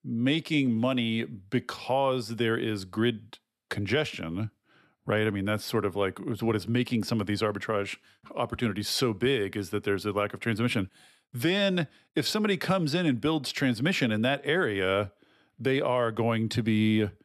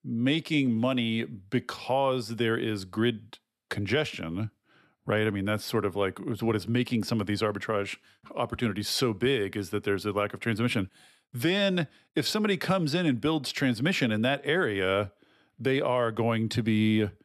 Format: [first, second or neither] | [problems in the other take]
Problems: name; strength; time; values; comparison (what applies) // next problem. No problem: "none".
neither | none